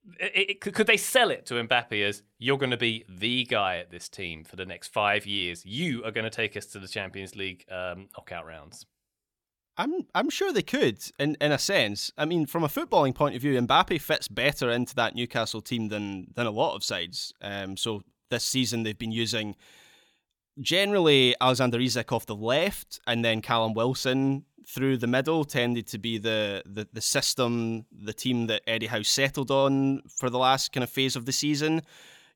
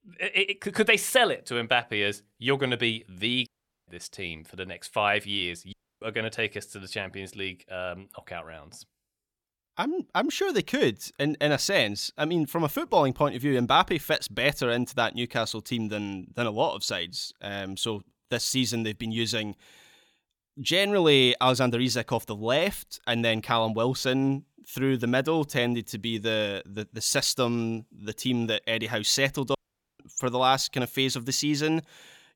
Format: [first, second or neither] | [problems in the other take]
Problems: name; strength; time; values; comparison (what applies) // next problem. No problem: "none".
first | audio cutting out; at 3.5 s, at 5.5 s and at 30 s